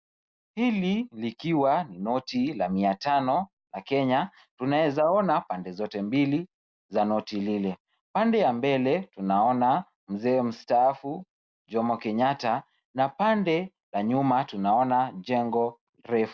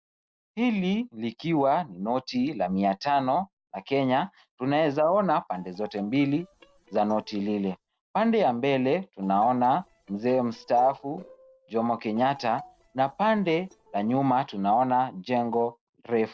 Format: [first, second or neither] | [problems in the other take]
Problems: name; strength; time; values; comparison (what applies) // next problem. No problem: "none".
first | noise reduction (neural separator model SepFormer DNS4)